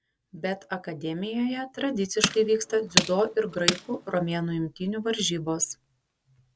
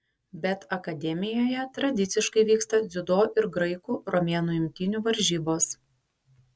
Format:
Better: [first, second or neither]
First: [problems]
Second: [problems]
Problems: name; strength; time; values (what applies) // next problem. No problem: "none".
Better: second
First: background sound (Tools); 1 dB below the speech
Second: none